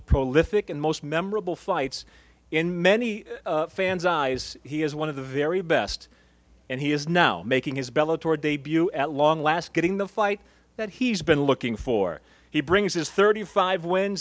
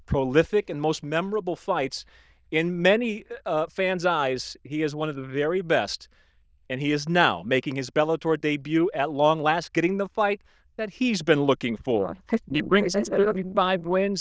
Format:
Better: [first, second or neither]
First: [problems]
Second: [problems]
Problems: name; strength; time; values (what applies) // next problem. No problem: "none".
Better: first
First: none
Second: noise reduction (neural diffusion model UNIVERSE++)